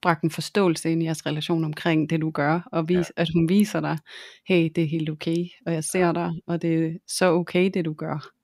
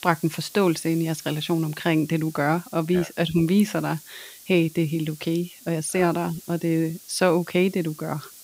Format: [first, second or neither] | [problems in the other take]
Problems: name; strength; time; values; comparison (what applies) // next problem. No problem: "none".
first | hiss; noticeable; throughout; 20 dB below the speech